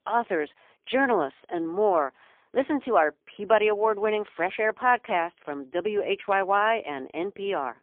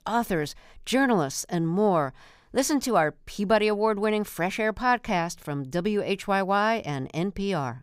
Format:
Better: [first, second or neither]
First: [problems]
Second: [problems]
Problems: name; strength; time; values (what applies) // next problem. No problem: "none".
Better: second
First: phone-call audio; poor line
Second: none